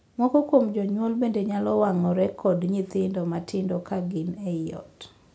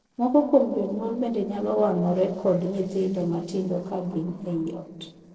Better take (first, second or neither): first